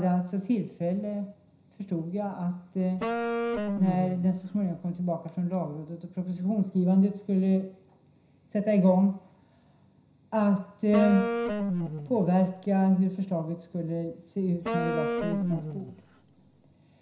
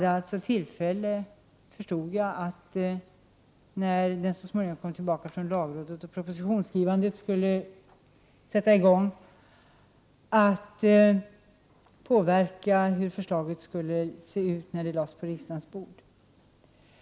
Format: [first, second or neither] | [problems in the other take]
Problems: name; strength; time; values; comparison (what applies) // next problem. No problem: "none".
second | background sound (Wind instrument, woodwind instrument); 4 dB below the speech // room echo; dies away in 0.5 s